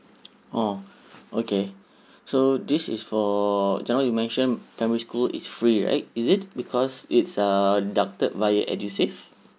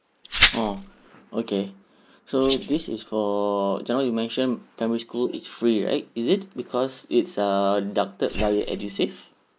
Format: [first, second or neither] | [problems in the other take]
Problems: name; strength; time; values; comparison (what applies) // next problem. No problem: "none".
first | noise reduction (neural mask model Resemble Enhance denoiser)